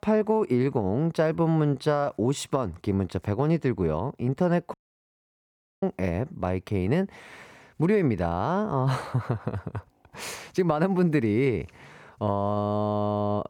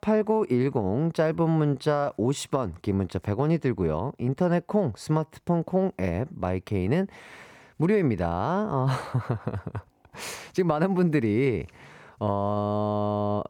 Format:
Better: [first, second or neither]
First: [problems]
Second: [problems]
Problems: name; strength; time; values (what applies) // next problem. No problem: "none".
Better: second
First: audio cutting out; at 4.5 s for 1 s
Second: none